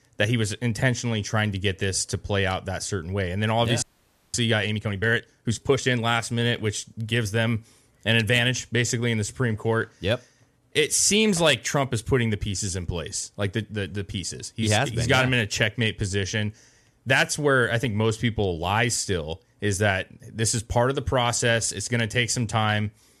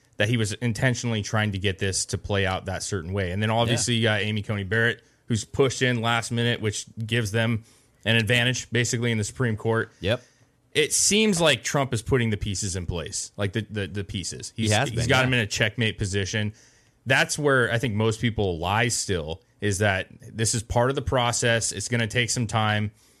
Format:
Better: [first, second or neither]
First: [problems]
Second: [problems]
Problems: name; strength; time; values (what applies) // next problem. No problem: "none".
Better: second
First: audio freezing; at 4 s for 0.5 s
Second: none